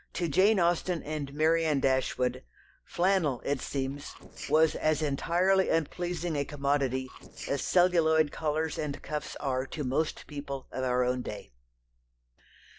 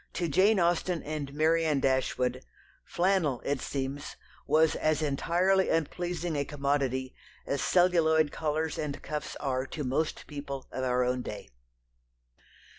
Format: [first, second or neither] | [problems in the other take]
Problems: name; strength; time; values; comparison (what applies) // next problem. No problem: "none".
second | noise reduction (neural separator model SepFormer DNS4)